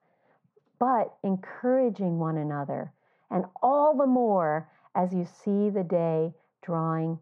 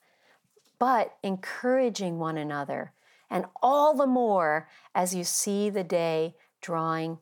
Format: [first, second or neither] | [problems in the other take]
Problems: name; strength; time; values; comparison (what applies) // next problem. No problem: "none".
second | muffled; very; fading above 1 kHz